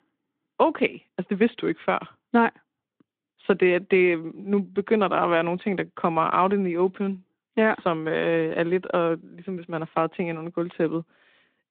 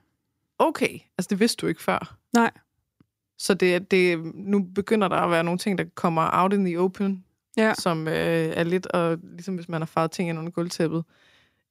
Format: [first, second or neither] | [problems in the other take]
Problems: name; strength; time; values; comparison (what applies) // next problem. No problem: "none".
second | phone-call audio; nothing above 3.5 kHz